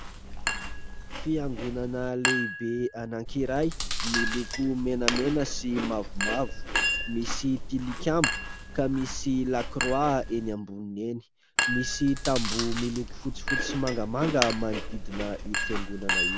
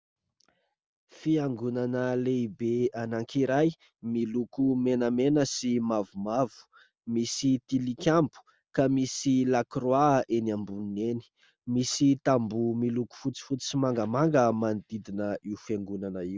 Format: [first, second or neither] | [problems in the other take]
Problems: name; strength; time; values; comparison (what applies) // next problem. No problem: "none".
second | background sound (Chink, clink + Chewing, mastication); 1 dB below the speech